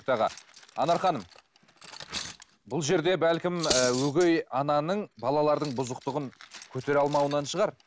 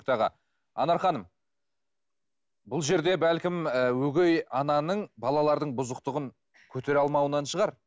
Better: second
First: background sound (Cutlery, silverware); 13 dB below the speech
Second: none

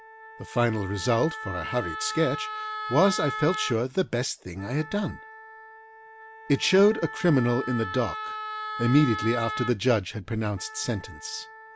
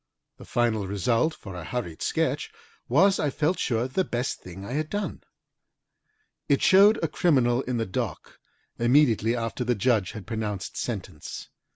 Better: second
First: background sound (Wind instrument, woodwind instrument); 10 dB below the speech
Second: none

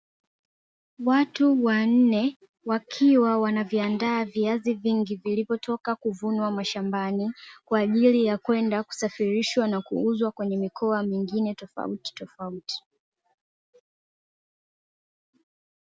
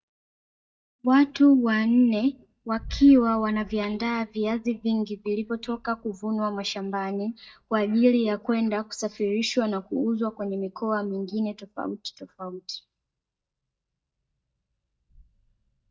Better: first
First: none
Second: noise reduction (neural mask model DeepFilterNet 3)

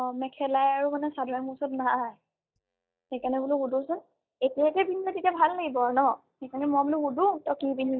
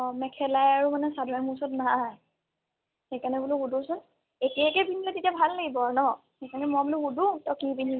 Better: second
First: noise reduction (neural mask model DeepFilterNet 3)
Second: none

